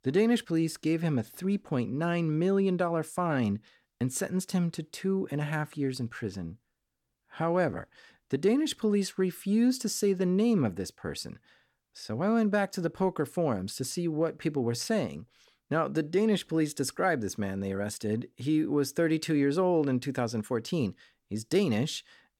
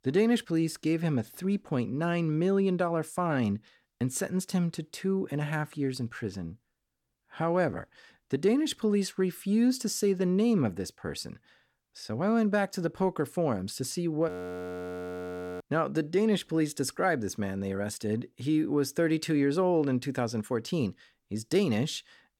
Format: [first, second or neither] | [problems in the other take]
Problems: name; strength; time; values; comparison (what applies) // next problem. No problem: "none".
first | audio freezing; at 14 s for 1.5 s